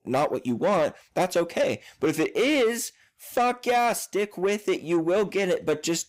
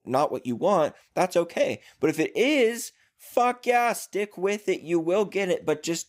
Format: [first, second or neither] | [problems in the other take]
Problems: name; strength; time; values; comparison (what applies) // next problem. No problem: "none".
second | distortion; slight; 10 dB below the speech